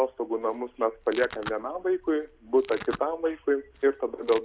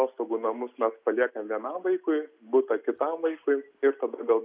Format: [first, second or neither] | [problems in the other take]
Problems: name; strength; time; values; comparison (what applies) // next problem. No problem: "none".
second | background sound (Domestic sounds, home sounds); 18 dB below the speech